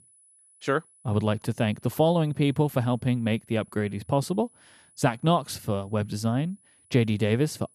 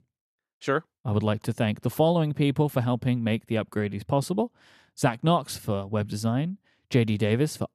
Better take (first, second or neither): second